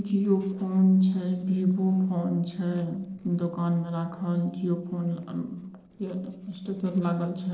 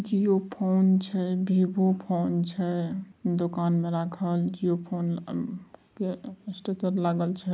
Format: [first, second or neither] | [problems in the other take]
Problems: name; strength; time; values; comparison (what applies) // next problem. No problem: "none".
second | noise reduction (neural separator model SepFormer DNS4)